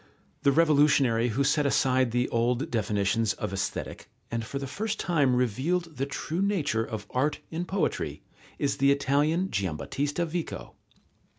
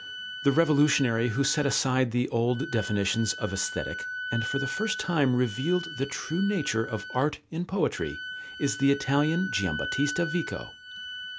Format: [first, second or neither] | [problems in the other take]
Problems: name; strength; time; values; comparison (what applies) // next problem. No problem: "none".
first | background sound (Wind instrument, woodwind instrument); 10 dB below the speech